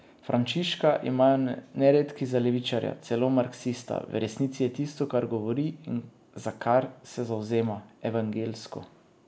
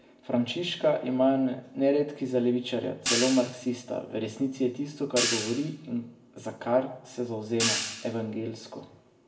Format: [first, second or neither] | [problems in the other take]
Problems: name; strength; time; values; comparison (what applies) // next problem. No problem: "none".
first | background sound (Hi-hat); 5 dB below the speech // room echo; dies away in 0.6 s